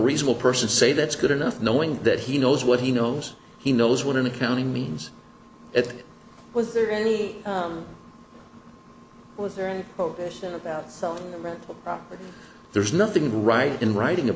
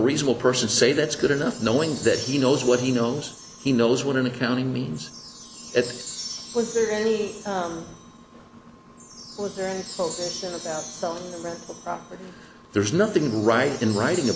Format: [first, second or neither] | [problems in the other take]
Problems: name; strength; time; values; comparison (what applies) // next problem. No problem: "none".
first | background sound (Wind chime); 16 dB below the speech